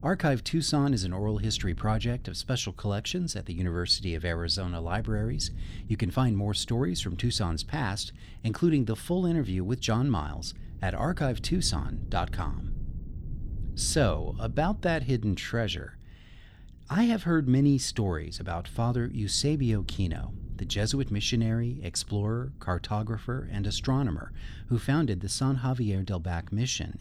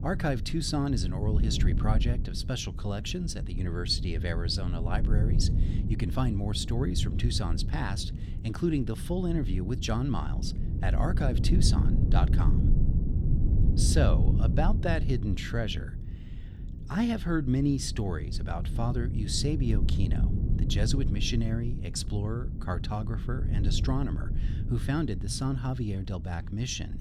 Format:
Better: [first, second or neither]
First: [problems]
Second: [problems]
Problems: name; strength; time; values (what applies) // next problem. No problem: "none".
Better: first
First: low rumble; faint; throughout; 25 dB below the speech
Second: low rumble; loud; throughout; 9 dB below the speech